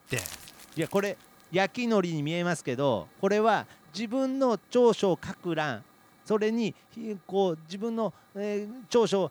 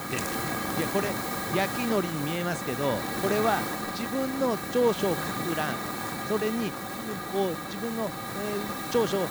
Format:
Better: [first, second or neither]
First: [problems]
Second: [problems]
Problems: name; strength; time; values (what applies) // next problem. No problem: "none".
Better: first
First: hiss; faint; throughout; 30 dB below the speech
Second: hiss; loud; throughout; 2 dB below the speech